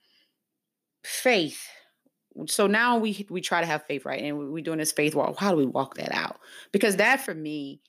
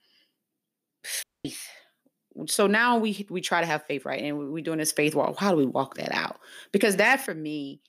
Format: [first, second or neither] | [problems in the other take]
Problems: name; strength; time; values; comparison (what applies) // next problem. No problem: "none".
first | audio cutting out; at 1 s